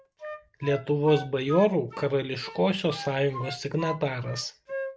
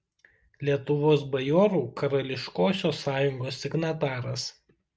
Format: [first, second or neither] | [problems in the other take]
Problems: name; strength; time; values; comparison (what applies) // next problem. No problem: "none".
second | background sound (Wind instrument, woodwind instrument); 13 dB below the speech